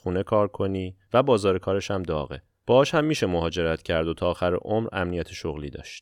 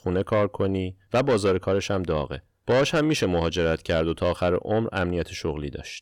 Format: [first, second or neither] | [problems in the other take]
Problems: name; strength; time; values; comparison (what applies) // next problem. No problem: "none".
first | distortion; slight; 10 dB below the speech